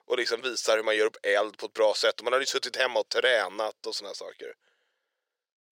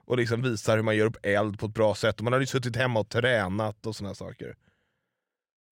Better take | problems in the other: second | thin; very; fading below 400 Hz

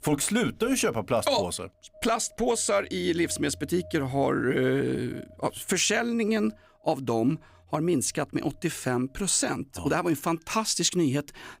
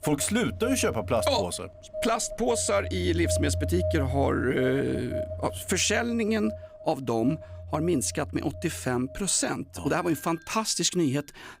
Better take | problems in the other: first | alarms or sirens; loud; throughout; 8 dB below the speech; faint in the first

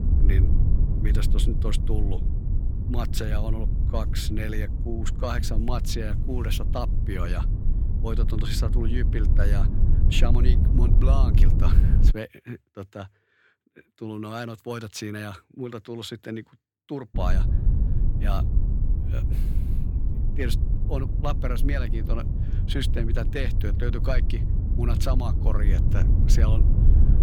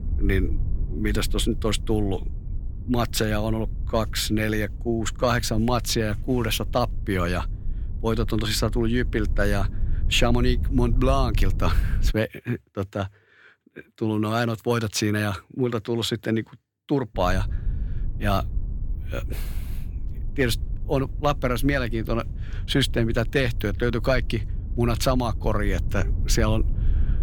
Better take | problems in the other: second | low rumble; loud; until 12 s and from 17 s on; 5 dB below the speech; faint in the second

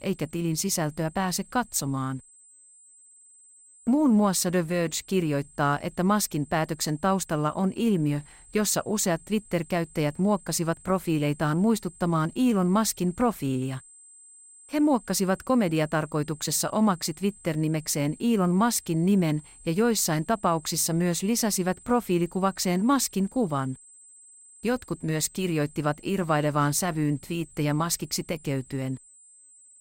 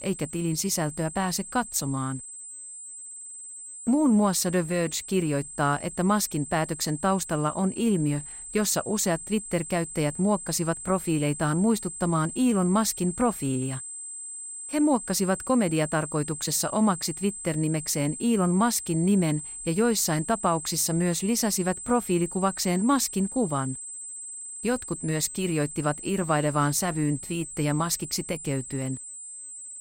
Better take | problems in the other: first | high-pitched whine; loud; throughout; 8 kHz, 10 dB below the speech; faint in the first

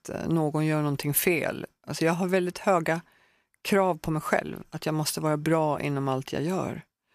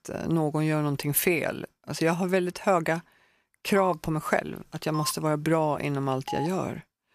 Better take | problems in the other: first | phone ringing; noticeable; from 4 to 6.5 s; peak 9 dB below the speech

